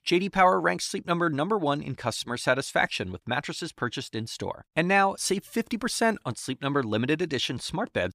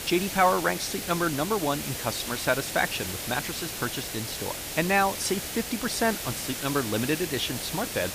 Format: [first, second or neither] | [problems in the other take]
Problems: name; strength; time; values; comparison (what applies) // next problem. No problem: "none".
first | hiss; loud; throughout; 5 dB below the speech